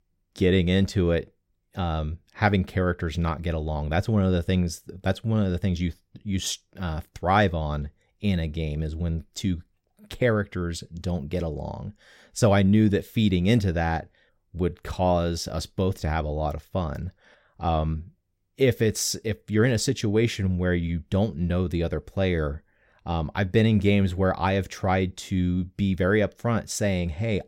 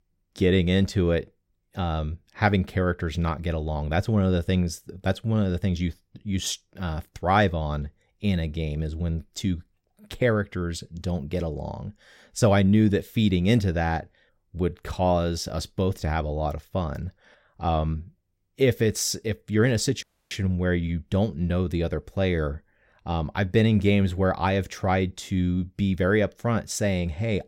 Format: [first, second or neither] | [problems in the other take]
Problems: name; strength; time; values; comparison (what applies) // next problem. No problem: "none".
first | audio cutting out; at 20 s